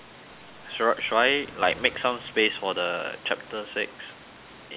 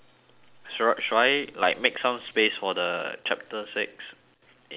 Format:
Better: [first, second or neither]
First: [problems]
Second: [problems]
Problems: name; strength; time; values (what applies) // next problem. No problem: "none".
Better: second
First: background sound (Car passing by + Water); 19 dB below the speech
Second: none